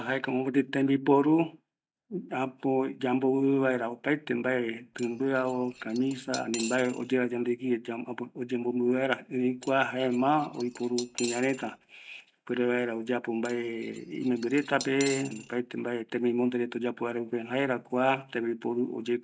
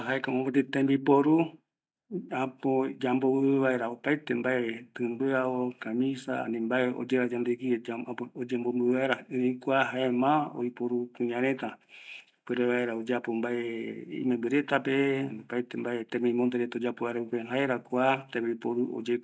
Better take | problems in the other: second | background sound (Cutlery, silverware / Dishes, pots, and pans); 14 dB below the speech

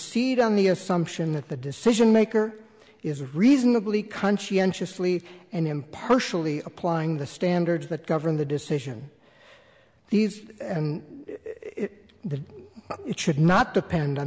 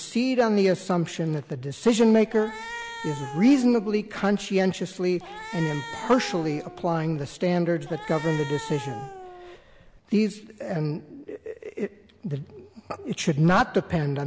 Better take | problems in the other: first | background sound (Cat); 13 dB below the speech

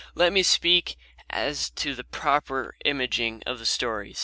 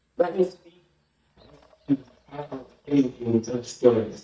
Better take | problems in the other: first | noise reduction (neural mask model DeepFilterNet 3)

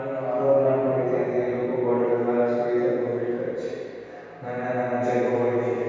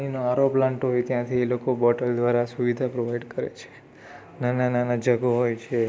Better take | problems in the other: second | room echo; dies away in 2.2 s

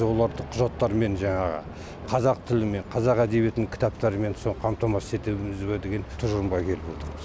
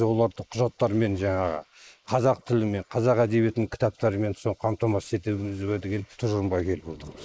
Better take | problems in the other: first | noise reduction (neural mask model Resemble Enhance denoiser)

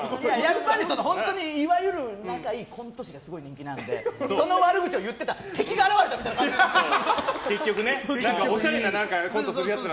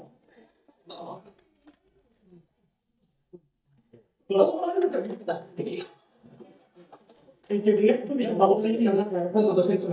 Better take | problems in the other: first | noise reduction (neural mask model DeepFilterNet 3)

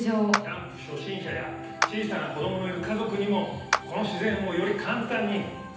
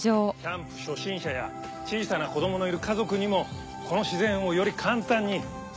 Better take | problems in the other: second | background sound (Clapping); 6 dB below the speech // room echo; dies away in 0.9 s

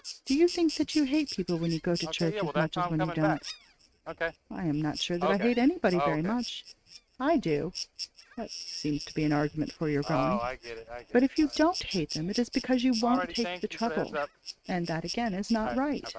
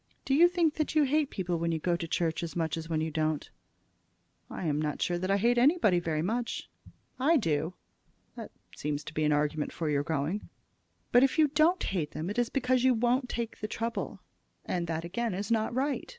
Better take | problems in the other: second | noise reduction (neural mask model RNNoise)

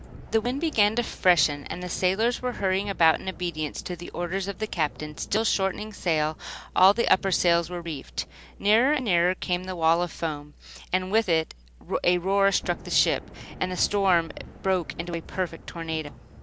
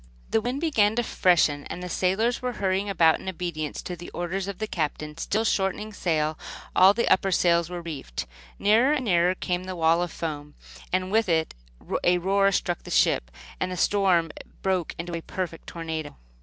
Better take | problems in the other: second | background sound (Thunder / Rain); 20 dB below the speech

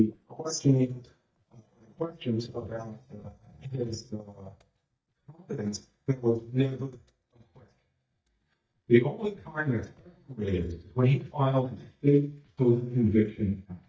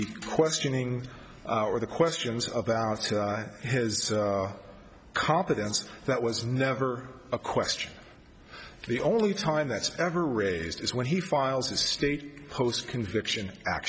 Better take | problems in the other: second | noise reduction (neural mask model DeepFilterNet 3)

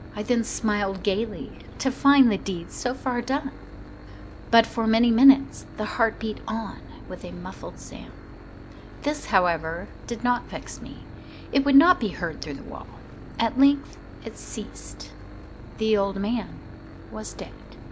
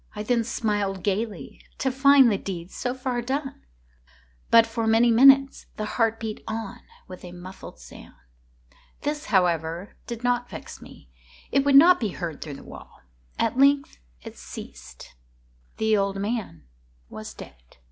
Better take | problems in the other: second | background sound (Engine / Boat, Water vehicle); 15 dB below the speech

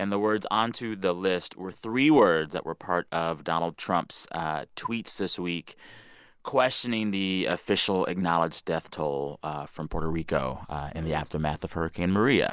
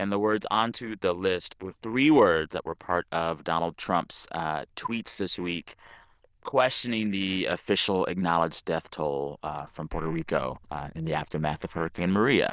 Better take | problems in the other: first | noise reduction (neural diffusion model UNIVERSE++)

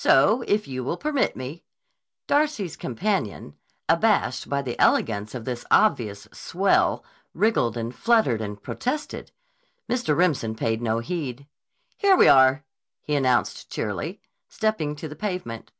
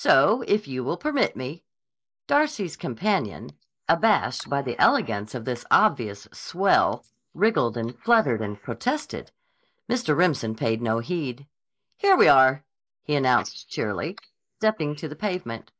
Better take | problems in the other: first | noise reduction (neural mask model Resemble Enhance denoiser)

